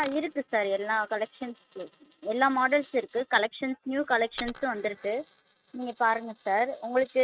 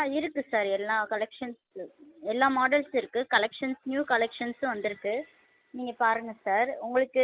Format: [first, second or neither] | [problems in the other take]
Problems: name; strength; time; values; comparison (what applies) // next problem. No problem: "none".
second | noise reduction (neural mask model RNNoise)